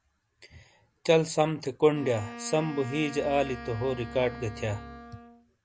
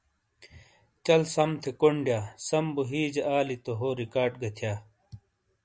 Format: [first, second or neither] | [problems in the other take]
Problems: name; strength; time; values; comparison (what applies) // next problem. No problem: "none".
second | background sound (Wind instrument, woodwind instrument + Bowed string instrument); 14 dB below the speech